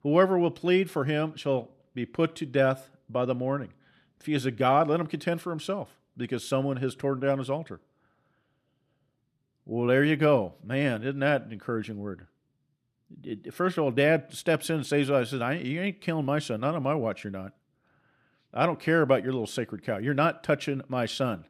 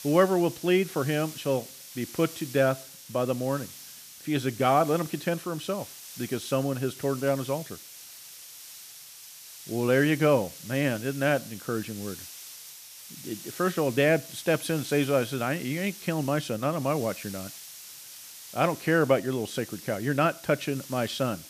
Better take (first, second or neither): first